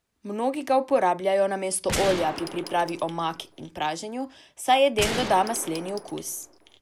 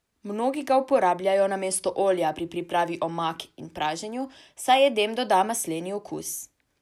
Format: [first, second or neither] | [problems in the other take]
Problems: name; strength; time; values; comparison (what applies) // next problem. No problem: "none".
second | background sound (Gunshot, gunfire); 8 dB below the speech